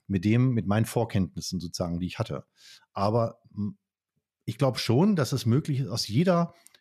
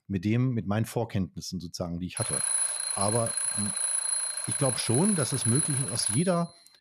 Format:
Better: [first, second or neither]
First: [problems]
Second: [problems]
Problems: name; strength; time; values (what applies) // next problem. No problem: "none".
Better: first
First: none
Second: alarm; loud; from 2 s on; peak 5 dB above the speech